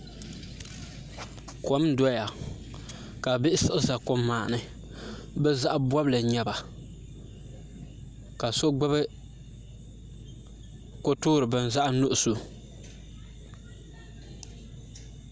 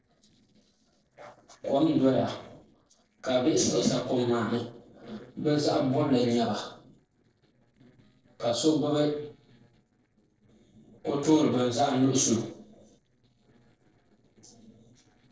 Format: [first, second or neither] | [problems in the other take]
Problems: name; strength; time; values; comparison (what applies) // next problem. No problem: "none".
first | noise reduction (neural separator model SepFormer DNS4)